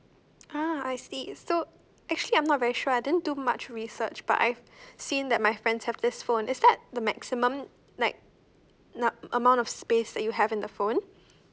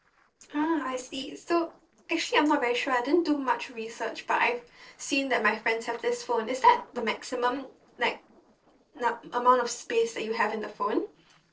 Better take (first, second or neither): first